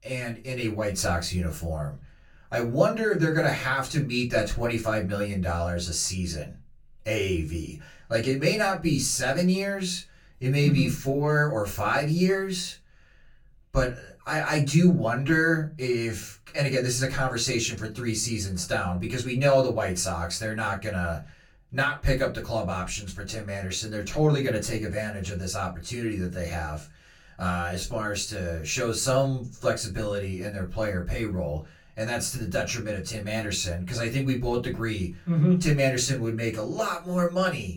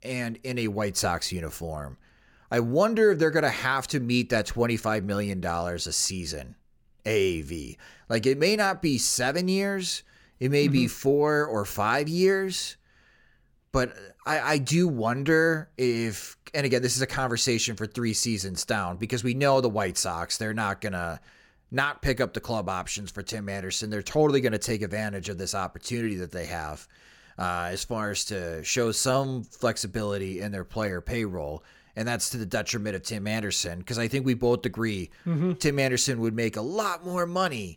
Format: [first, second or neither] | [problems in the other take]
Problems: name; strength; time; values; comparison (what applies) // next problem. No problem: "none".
second | off-mic speech; far // room echo; very slight; dies away in 0.2 s